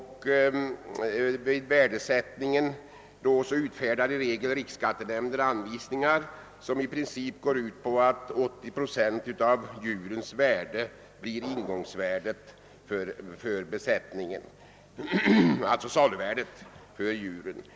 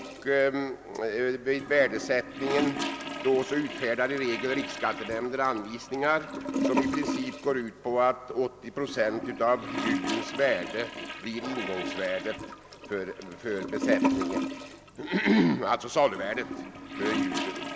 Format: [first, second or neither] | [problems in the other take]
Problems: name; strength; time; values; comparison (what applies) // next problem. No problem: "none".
first | background sound (Toilet flush / Gurgling); 5 dB below the speech